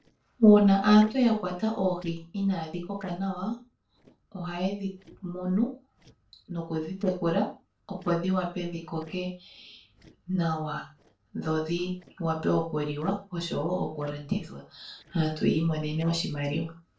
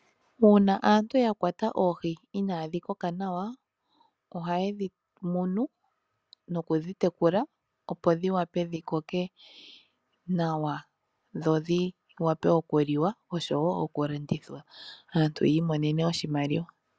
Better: second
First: noise reduction (neural separator model SepFormer DNS4)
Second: none

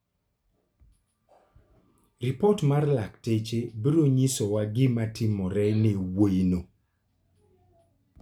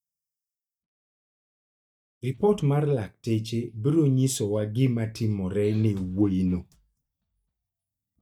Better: first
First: none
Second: noise reduction (neural mask model DeepFilterNet 3)

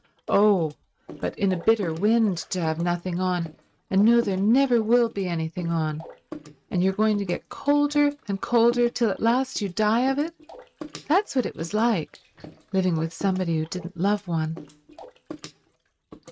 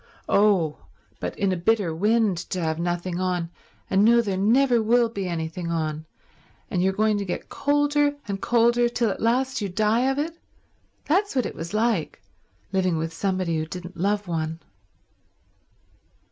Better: second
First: noise reduction (neural mask model RNNoise)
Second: none

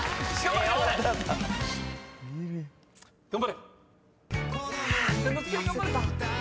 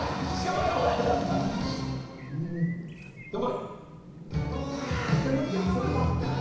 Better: first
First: none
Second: background sound (Chirp, tweet); 14 dB below the speech // room echo; dies away in 1 s

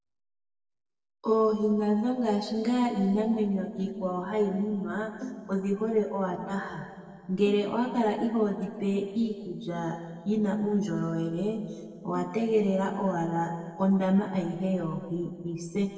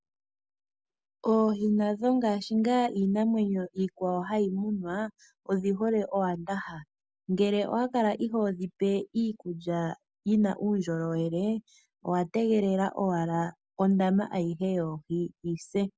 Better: second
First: noise reduction (neural separator model SepFormer DNS4)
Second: none

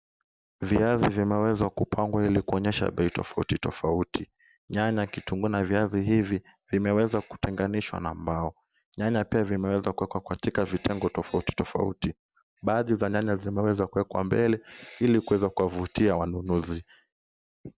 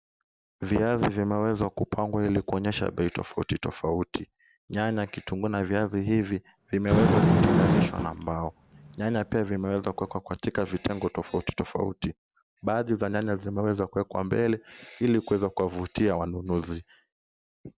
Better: first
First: none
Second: background sound (Fire); 2 dB above the speech

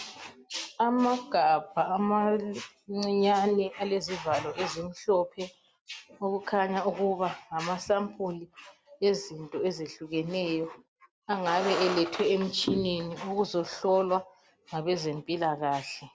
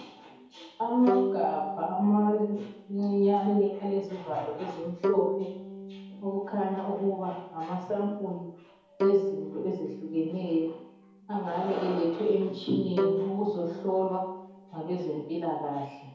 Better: first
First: none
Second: background sound (Bowed string instrument); 6 dB below the speech // room echo; dies away in 2 s

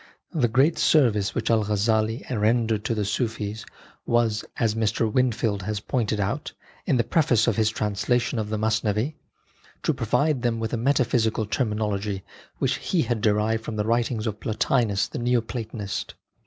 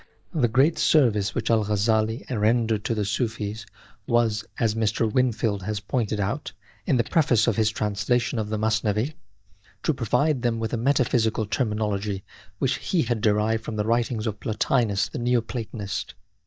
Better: first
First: none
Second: noise reduction (neural mask model DeepFilterNet 3)

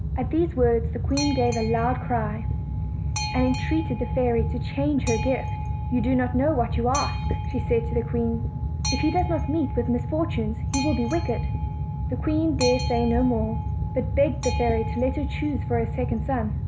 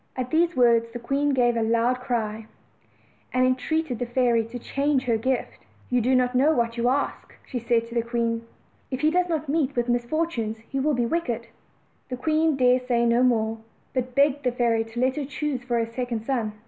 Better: second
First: background sound (Boat, Water vehicle); 1 dB below the speech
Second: none

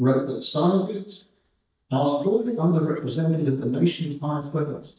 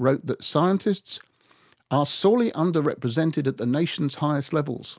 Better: second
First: noise reduction (neural mask model DeepFilterNet 3)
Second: none

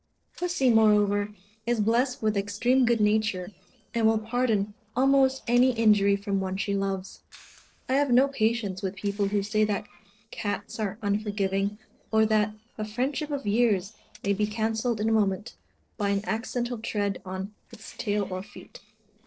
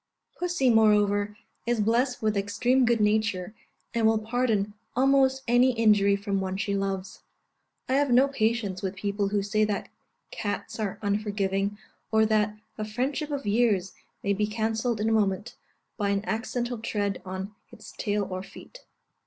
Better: second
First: noise reduction (neural separator model SepFormer DNS4)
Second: none

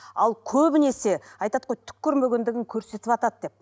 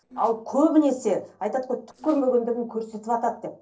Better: first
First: none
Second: noise reduction (neural separator model SepFormer DNS4)

